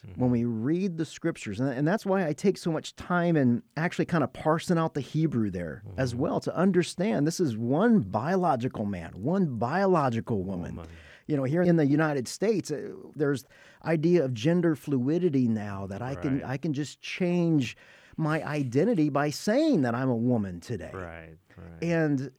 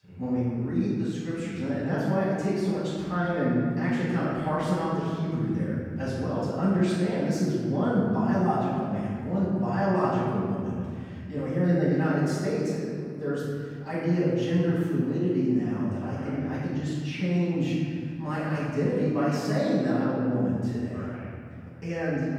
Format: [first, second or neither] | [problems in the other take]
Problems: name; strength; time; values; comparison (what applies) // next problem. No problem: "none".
first | room echo; strong; dies away in 2.1 s // off-mic speech; far